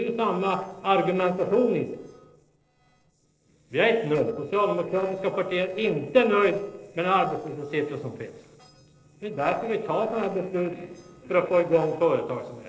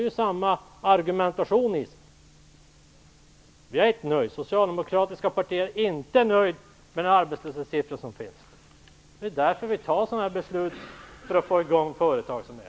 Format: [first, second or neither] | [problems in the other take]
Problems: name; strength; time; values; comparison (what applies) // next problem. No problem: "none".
second | noise reduction (neural separator model SepFormer DNS4)